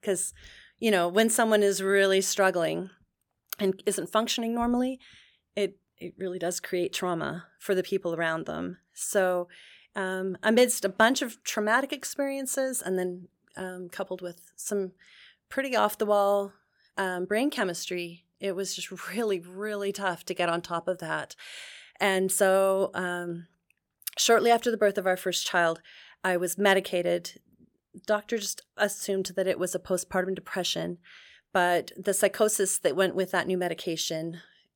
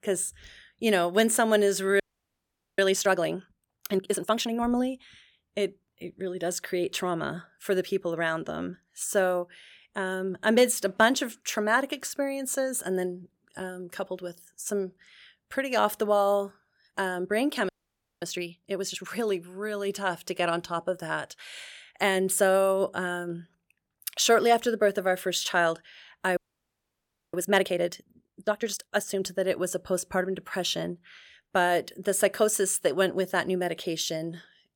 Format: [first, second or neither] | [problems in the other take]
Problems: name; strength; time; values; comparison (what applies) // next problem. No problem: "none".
first | audio freezing; at 2 s for 1 s, at 18 s for 0.5 s and at 26 s for 1 s